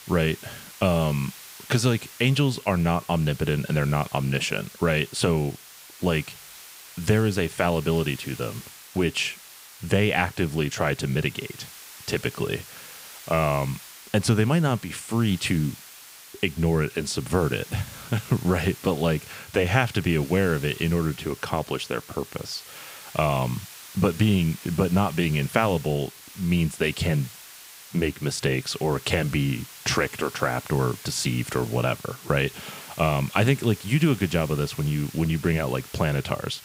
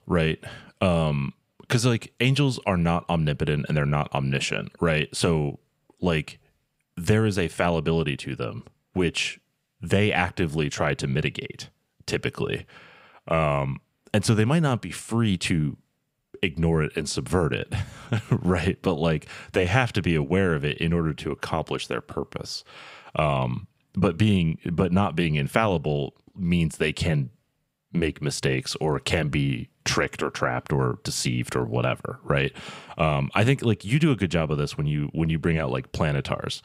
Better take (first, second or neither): second